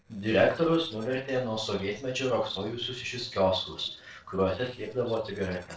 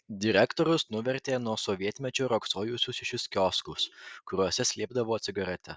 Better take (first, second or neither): second